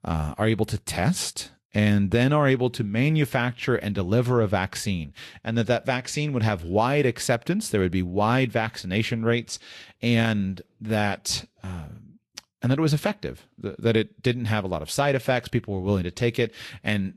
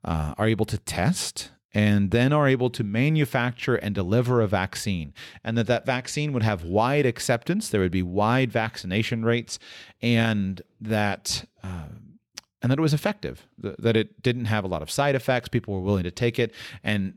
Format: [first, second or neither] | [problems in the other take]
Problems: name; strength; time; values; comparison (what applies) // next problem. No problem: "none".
second | garbled, watery; slightly; nothing above 12.5 kHz